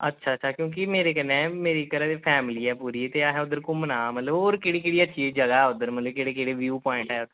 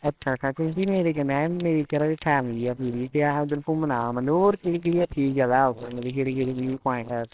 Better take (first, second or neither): first